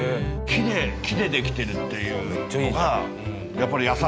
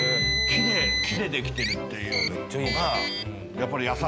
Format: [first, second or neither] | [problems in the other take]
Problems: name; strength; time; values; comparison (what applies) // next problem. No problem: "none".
first | background sound (Car); 1 dB below the speech